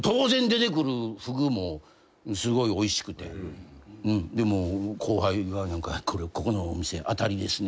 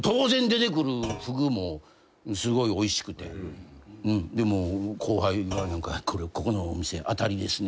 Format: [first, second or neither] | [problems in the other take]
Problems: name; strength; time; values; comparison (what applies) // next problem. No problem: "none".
first | background sound (Thump, thud); 16 dB below the speech